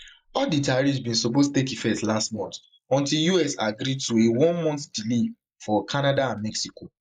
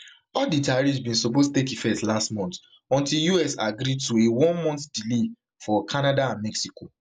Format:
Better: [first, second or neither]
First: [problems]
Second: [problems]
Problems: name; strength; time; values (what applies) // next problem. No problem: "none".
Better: second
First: noise reduction (neural mask model Resemble Enhance denoiser)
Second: none